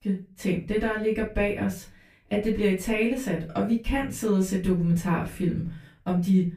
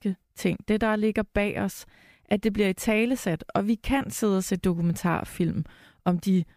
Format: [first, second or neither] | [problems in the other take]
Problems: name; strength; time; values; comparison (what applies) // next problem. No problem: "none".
second | off-mic speech; far // room echo; very slight; dies away in 0.3 s